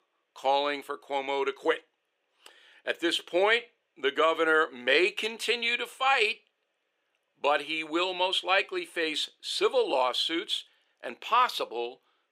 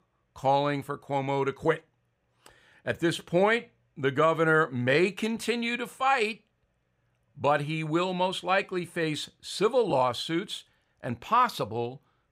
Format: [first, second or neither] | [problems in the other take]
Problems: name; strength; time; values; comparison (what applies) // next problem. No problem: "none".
second | thin; somewhat; fading below 350 Hz